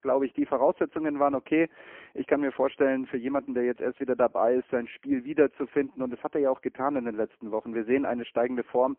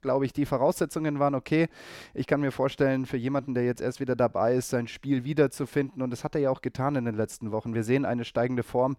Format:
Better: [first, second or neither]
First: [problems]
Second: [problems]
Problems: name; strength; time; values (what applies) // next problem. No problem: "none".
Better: second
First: phone-call audio; poor line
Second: none